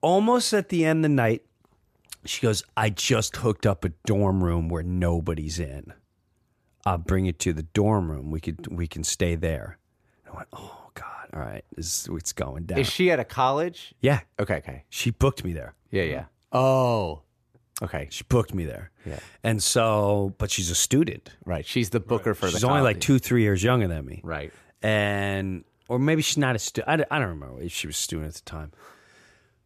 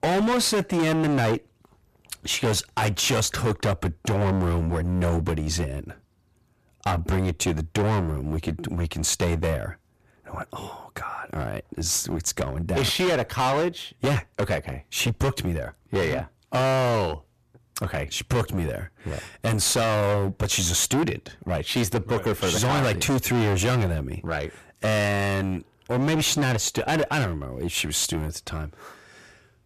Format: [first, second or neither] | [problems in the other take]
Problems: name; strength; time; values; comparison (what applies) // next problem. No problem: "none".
first | distortion; heavy; 18% of the sound clipped